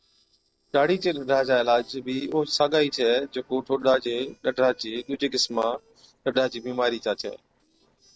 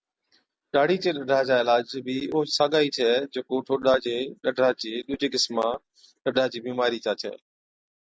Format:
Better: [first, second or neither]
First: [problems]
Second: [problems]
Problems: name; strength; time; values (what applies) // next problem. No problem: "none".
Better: second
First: noise reduction (neural separator model SepFormer DNS4)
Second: none